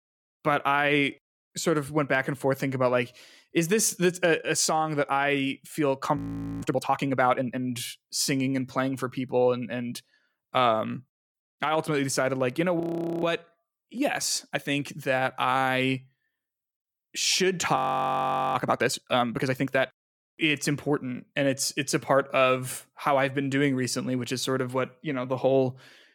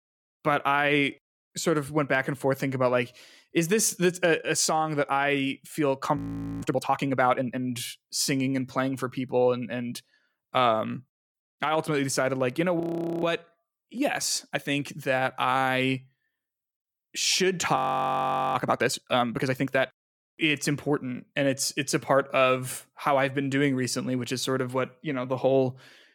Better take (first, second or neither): neither